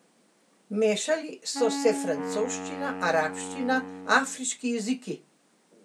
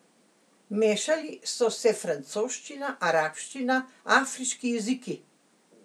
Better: second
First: background sound (Wind instrument, woodwind instrument); 7 dB below the speech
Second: none

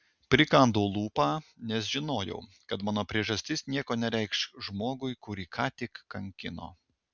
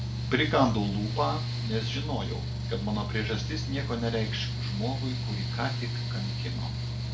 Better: first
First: none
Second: background sound (Mechanical fan); as loud as the speech // room echo; dies away in 0.3 s

